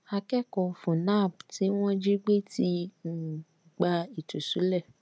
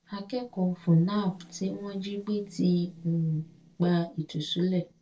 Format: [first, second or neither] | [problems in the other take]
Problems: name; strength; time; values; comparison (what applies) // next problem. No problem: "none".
first | noise reduction (neural separator model SepFormer DNS4)